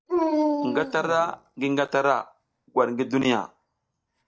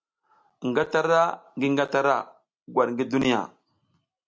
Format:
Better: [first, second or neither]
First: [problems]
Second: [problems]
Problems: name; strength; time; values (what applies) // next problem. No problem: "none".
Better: second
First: noise reduction (neural mask model DeepFilterNet 3)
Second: none